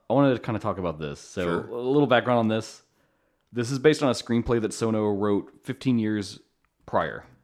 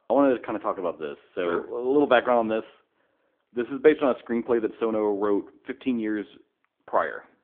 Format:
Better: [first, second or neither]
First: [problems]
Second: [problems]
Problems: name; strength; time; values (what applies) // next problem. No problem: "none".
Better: first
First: none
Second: phone-call audio; nothing above 3.5 kHz